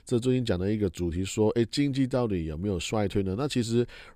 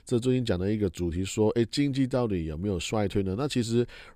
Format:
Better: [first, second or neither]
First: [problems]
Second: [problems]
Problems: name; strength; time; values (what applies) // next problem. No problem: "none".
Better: neither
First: none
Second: none